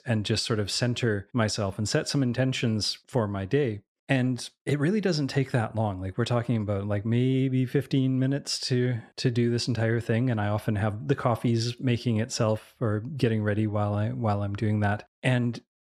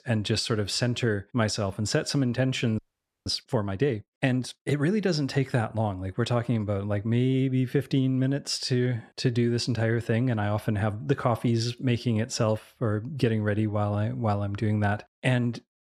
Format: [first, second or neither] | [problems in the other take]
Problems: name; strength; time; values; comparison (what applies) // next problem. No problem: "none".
first | audio freezing; at 3 s